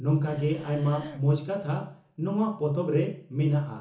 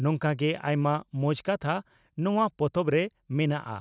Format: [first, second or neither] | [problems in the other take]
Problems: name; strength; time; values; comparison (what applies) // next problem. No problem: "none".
second | background sound (Breathing); 19 dB below the speech // room echo; dies away in 0.6 s